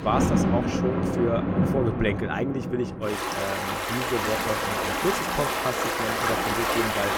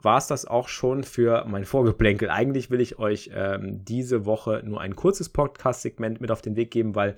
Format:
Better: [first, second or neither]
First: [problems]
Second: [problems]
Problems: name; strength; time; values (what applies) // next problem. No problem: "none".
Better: second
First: rain or running water; very loud; throughout; 4 dB above the speech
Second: none